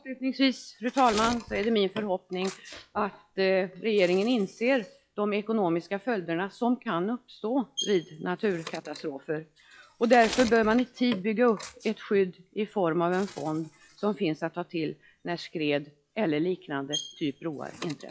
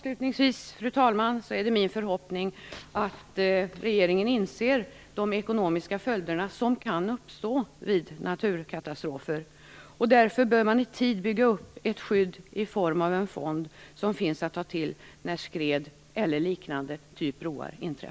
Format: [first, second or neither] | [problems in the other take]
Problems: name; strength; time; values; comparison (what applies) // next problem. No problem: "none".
second | noise reduction (classical method log-MMSE)